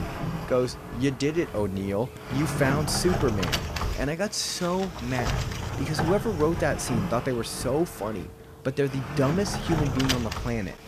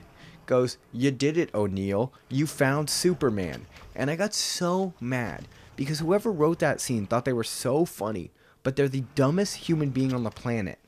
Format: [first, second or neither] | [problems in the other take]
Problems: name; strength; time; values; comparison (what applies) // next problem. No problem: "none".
second | household noises; loud; throughout; 4 dB below the speech; faint in the second